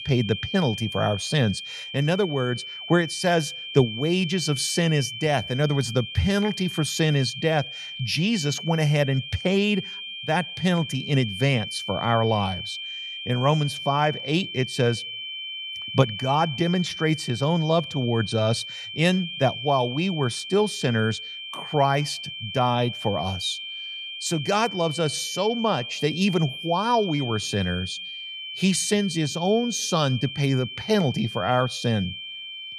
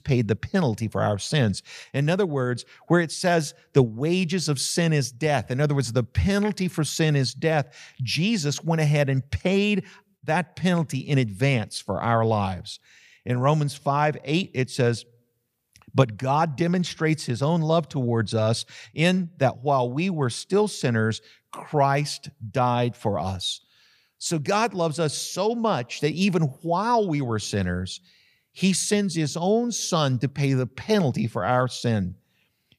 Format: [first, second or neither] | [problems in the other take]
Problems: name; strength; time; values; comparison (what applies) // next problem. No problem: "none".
second | high-pitched whine; loud; throughout; 3 kHz, 8 dB below the speech